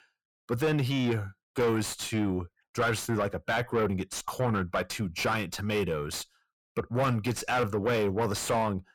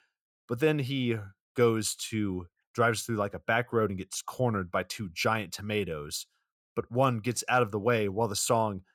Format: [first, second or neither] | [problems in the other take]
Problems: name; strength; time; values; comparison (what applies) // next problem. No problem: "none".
second | distortion; heavy; 6 dB below the speech